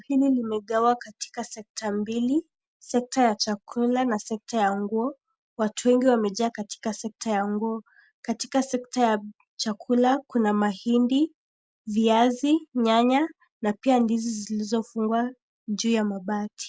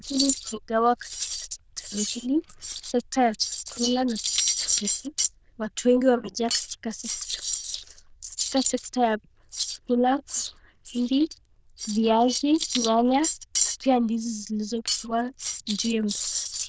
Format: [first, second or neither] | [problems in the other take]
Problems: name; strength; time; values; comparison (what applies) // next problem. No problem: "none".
first | noise reduction (neural diffusion model UNIVERSE++)